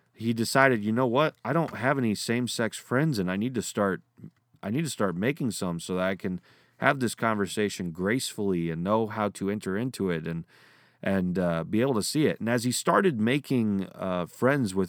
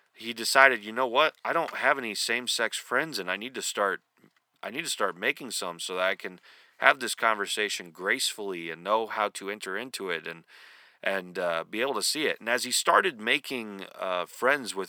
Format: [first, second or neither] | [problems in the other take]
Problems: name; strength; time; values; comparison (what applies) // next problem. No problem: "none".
first | thin; very; fading below 550 Hz